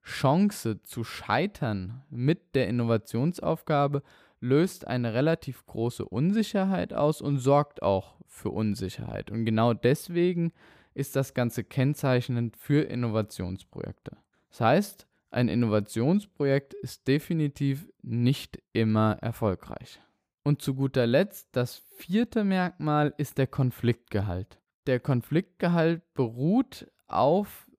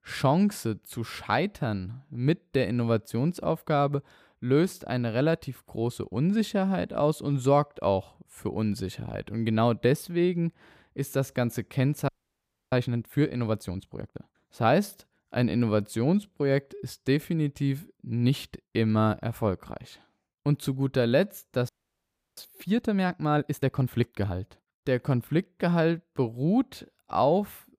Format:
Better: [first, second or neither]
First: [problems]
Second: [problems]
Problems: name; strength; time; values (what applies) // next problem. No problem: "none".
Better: first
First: none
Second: audio freezing; at 12 s for 0.5 s and at 22 s for 0.5 s